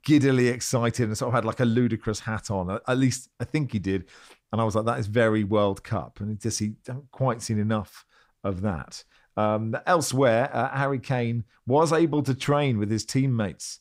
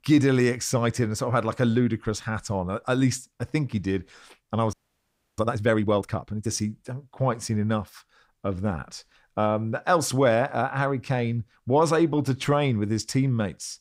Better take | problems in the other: first | audio freezing; at 4.5 s for 0.5 s

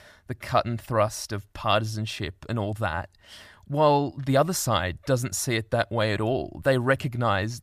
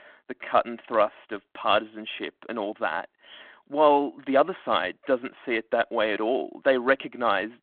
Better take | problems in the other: first | phone-call audio

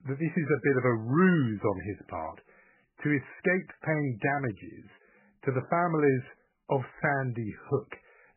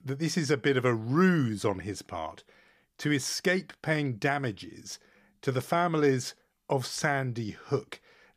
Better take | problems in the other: second | garbled, watery; badly; nothing above 2.5 kHz

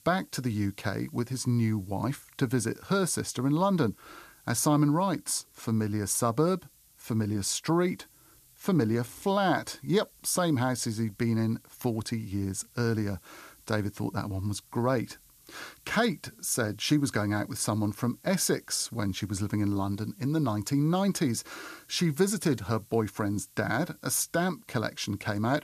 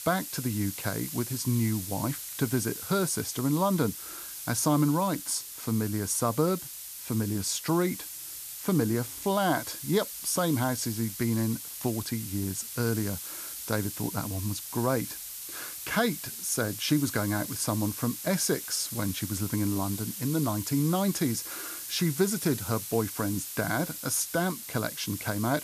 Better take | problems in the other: first | hiss; loud; throughout; 7 dB below the speech; faint in the first

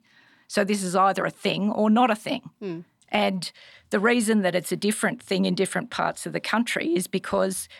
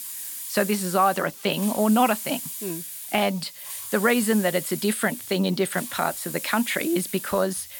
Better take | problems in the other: first | hiss; loud; throughout; 9 dB below the speech

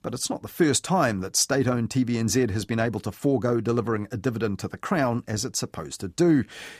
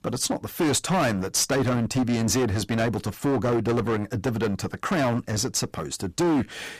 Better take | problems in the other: first | distortion; heavy; 17% of the sound clipped

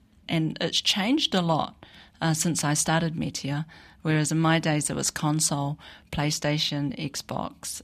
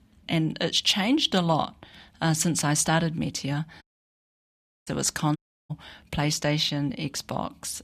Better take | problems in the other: first | audio cutting out; at 4 s for 1 s and at 5.5 s

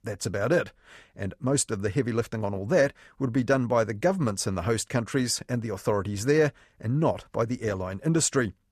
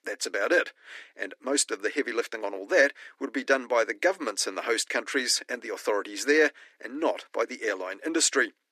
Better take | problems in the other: first | thin; somewhat; fading below 300 Hz

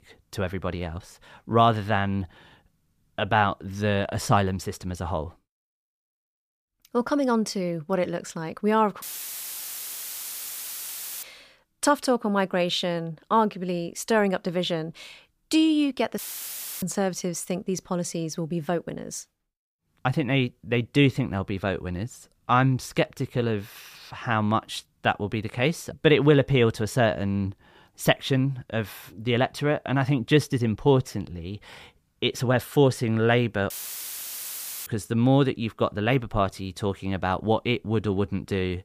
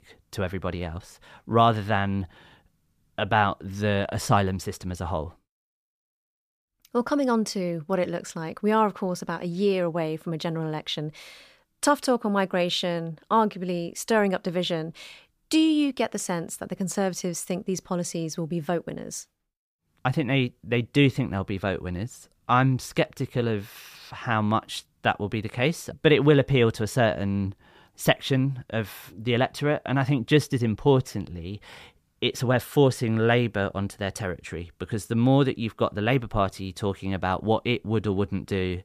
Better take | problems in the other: second | audio cutting out; filled with static; at 9 s for 2 s, at 16 s for 0.5 s and at 34 s for 1 s

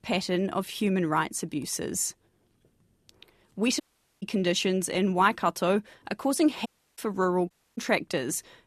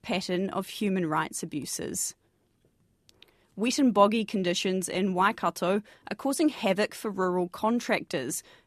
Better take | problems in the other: second | audio cutting out; at 4 s, at 6.5 s and at 7.5 s

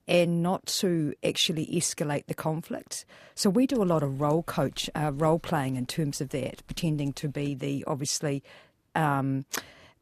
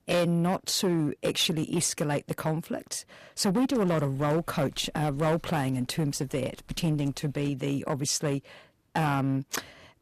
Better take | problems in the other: first | distortion; slight; 7% of the sound clipped

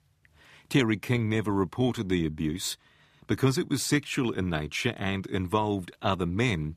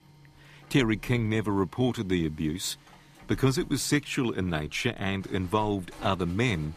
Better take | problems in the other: first | household noises; faint; throughout; 25 dB below the speech

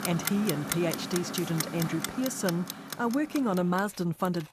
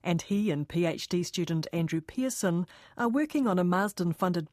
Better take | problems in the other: second | household noises; loud; throughout; 5 dB below the speech

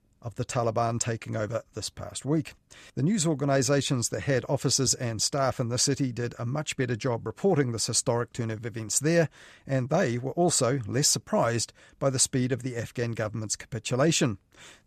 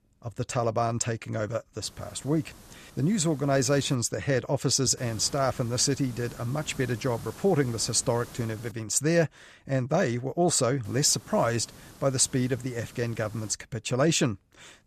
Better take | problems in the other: first | hiss; faint; from 2 to 4 s, from 5 to 8.5 s and from 11 to 14 s; 20 dB below the speech

